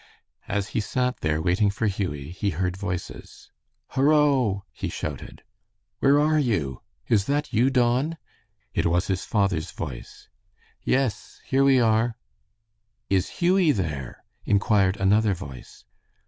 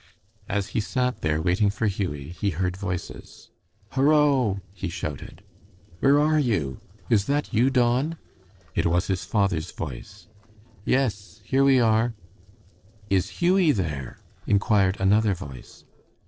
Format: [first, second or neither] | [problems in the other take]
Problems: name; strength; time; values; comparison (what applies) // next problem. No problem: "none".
first | noise reduction (neural separator model SepFormer DNS4)